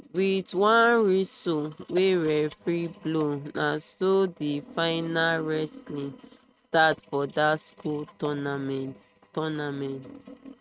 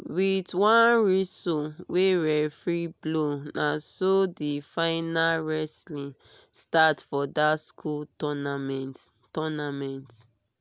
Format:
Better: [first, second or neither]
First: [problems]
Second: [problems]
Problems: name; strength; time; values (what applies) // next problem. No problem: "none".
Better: second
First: noise reduction (neural mask model RNNoise)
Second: none